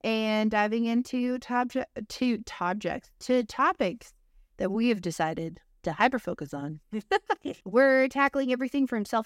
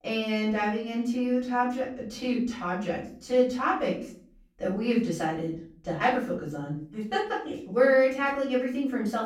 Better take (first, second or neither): first